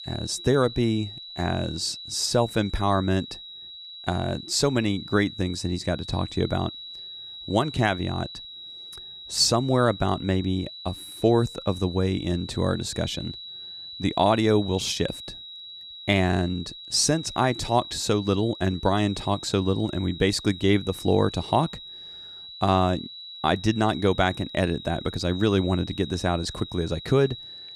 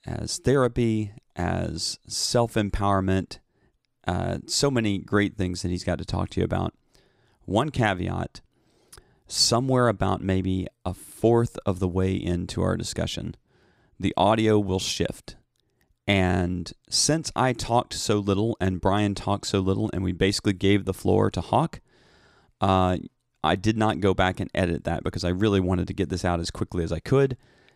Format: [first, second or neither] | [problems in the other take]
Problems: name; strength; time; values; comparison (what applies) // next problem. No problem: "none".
second | high-pitched whine; noticeable; throughout; 4 kHz, 15 dB below the speech